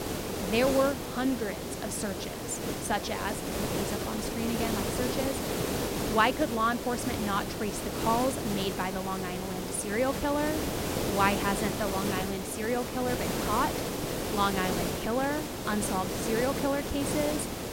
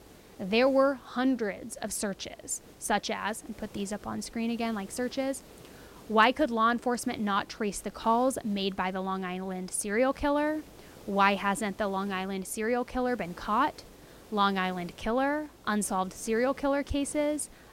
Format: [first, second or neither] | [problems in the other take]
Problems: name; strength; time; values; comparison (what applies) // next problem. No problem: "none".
second | hiss; loud; throughout; 1 dB below the speech; faint in the second